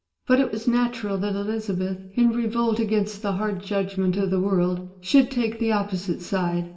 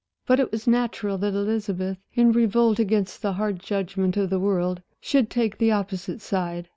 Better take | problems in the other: second | room echo; dies away in 1.3 s

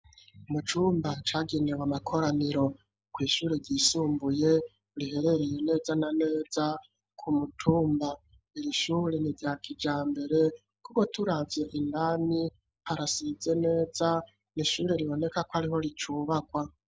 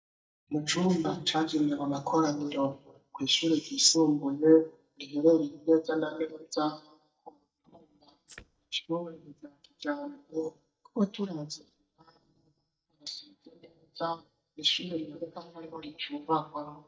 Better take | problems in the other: first | noise reduction (neural mask model DeepFilterNet 3)

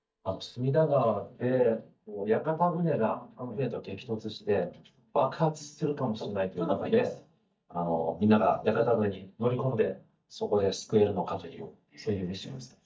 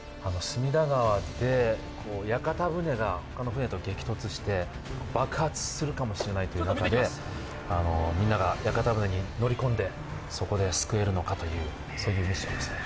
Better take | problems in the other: second | noise reduction (neural mask model DeepFilterNet 3)

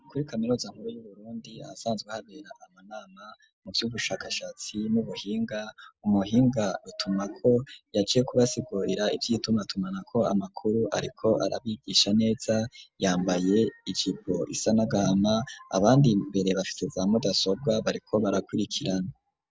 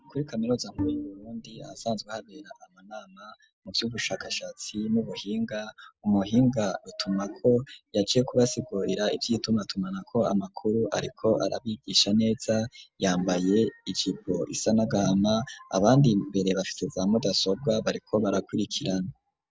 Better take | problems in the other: first | background sound (Bowed string instrument); 8 dB below the speech

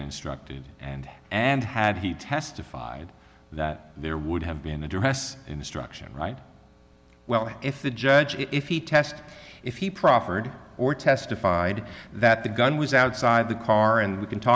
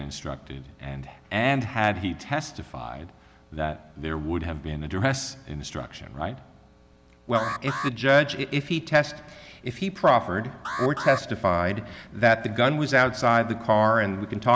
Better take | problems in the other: first | background sound (Alarm); 10 dB below the speech

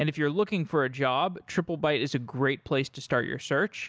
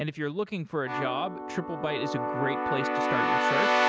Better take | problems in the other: first | background sound (Keyboard (musical)); 4 dB above the speech

